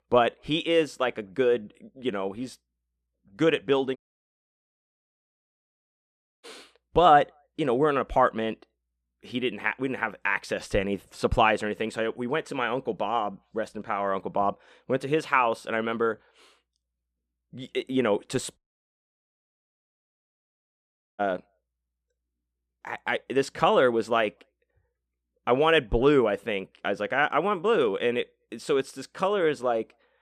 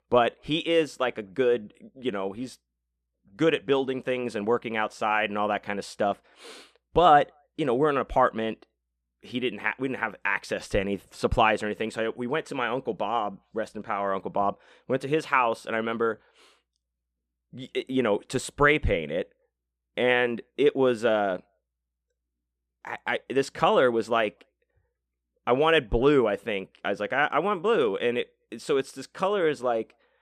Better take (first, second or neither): second